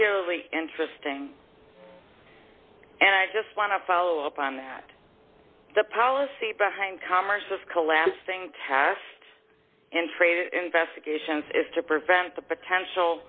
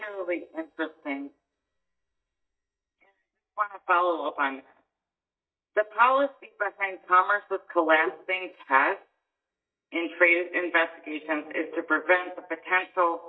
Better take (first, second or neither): first